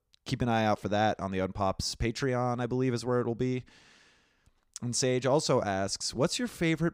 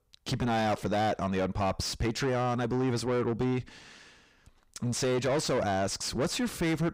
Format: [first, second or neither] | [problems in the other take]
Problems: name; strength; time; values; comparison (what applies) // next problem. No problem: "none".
first | distortion; heavy; 7 dB below the speech